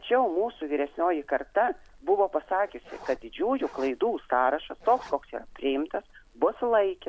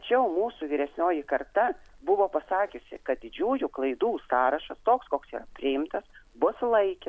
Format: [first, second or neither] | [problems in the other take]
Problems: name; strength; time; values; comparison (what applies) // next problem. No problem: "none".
second | background sound (Zipper (clothing)); 19 dB below the speech